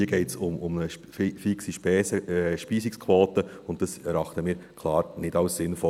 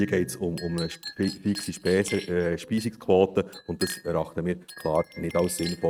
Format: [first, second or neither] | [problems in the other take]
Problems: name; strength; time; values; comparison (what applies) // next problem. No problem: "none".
first | noise reduction (neural mask model RNNoise)